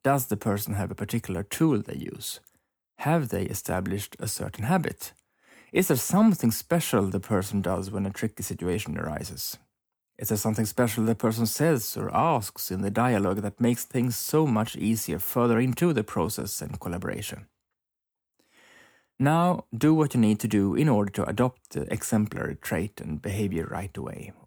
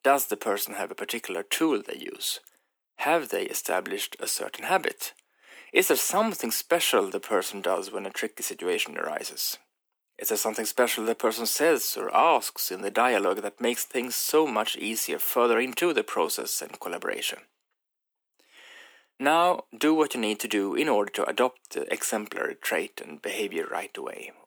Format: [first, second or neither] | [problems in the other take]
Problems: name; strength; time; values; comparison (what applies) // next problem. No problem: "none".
first | thin; very; fading below 350 Hz